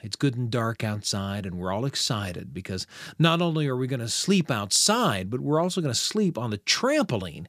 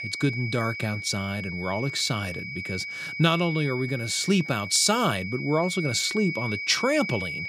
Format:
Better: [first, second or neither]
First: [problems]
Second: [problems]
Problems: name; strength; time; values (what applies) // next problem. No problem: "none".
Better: first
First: none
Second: high-pitched whine; loud; throughout; 2.5 kHz, 7 dB below the speech